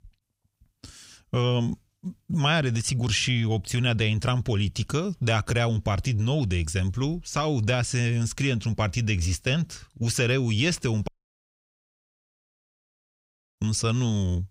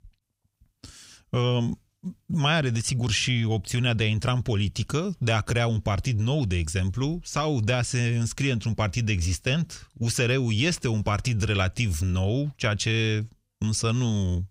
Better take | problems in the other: second | audio cutting out; at 11 s for 2.5 s

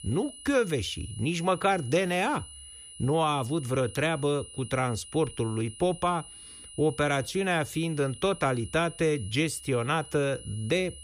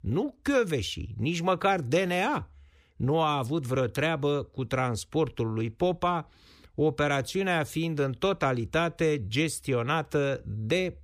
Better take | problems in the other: second | high-pitched whine; noticeable; throughout; 10 kHz, 15 dB below the speech

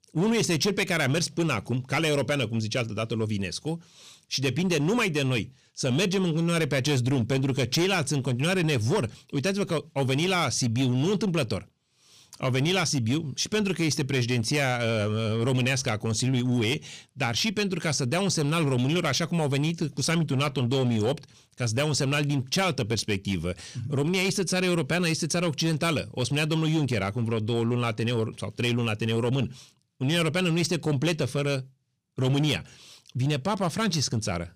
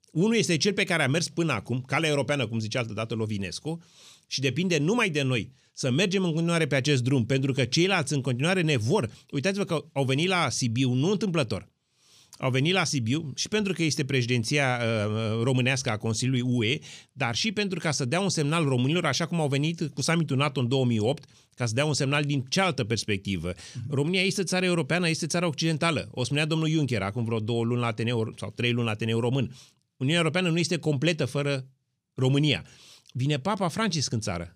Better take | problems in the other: second | distortion; slight; 9% of the sound clipped

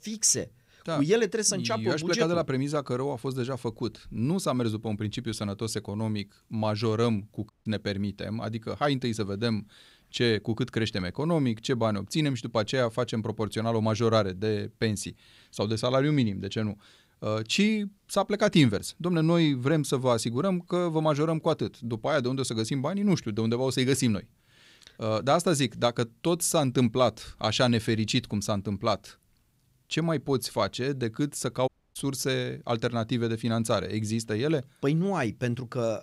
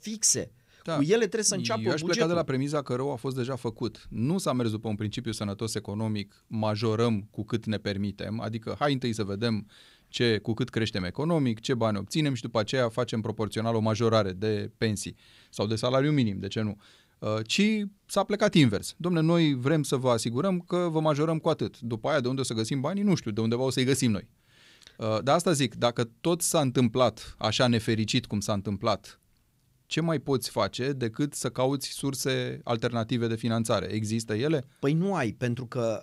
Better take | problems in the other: second | audio cutting out; at 7.5 s and at 32 s

